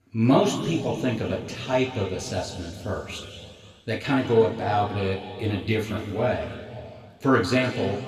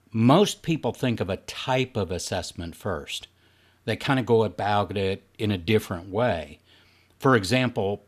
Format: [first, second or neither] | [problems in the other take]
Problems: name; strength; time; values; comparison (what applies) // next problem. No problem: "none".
second | room echo; noticeable; dies away in 2.1 s // off-mic speech; somewhat distant